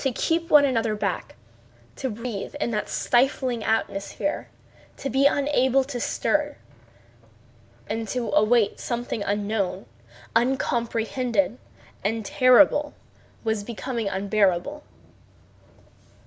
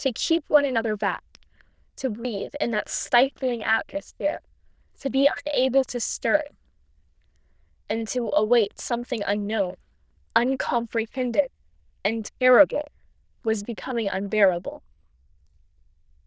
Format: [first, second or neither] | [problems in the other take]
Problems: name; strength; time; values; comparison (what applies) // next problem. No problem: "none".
first | noise reduction (neural diffusion model UNIVERSE++)